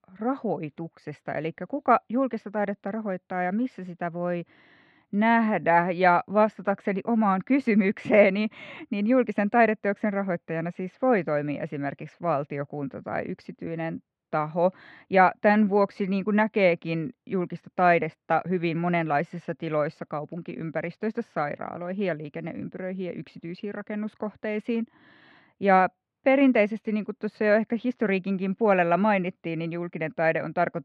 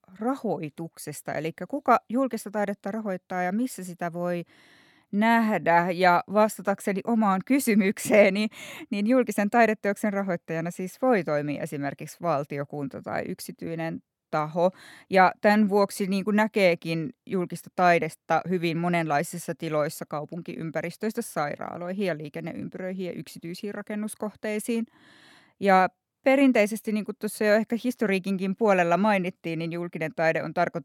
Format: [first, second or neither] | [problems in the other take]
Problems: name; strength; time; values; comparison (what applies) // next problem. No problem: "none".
second | muffled; slightly; fading above 3 kHz